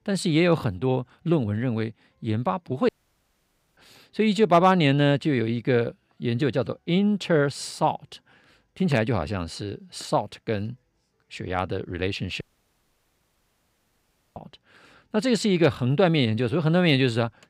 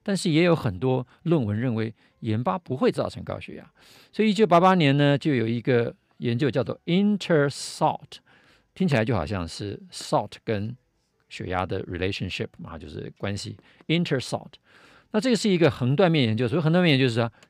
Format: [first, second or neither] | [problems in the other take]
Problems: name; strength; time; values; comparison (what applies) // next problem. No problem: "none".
second | audio cutting out; at 3 s for 1 s and at 12 s for 2 s